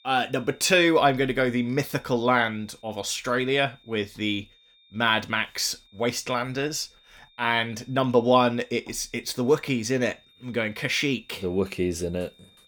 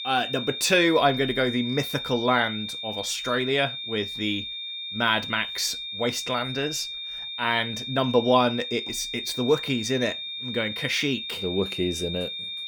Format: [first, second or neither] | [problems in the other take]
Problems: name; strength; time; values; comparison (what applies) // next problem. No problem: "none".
first | high-pitched whine; loud; throughout; 3.5 kHz, 6 dB below the speech; faint in the first